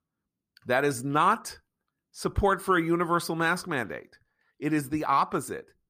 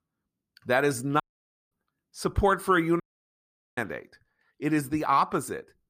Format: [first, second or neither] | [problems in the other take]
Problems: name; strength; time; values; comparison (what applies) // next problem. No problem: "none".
first | audio cutting out; at 1 s for 0.5 s and at 3 s for 1 s